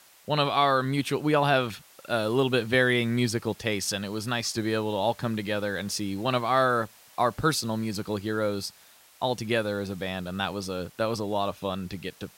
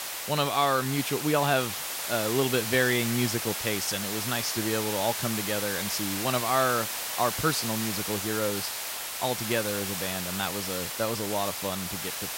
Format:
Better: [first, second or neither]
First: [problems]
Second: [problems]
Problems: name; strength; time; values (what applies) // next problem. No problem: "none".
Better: first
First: hiss; faint; throughout; 25 dB below the speech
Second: hiss; loud; throughout; 2 dB below the speech